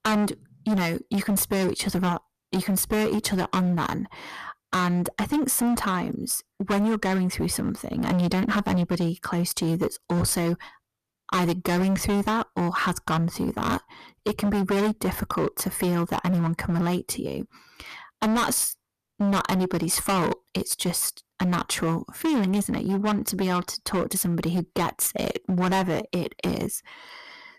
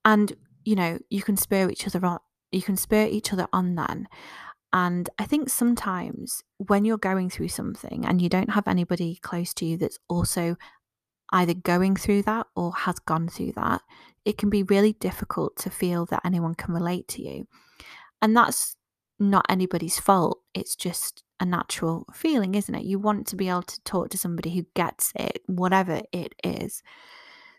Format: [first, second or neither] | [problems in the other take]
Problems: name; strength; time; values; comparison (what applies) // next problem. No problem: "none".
second | distortion; heavy; 18% of the sound clipped